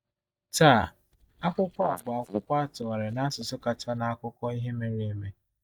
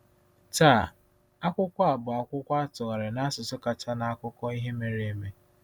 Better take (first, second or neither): second